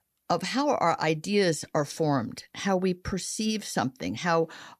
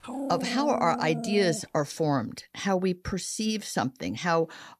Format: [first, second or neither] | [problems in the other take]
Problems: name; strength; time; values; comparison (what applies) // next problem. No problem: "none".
first | dog barking; noticeable; until 1.5 s; peak 5 dB below the speech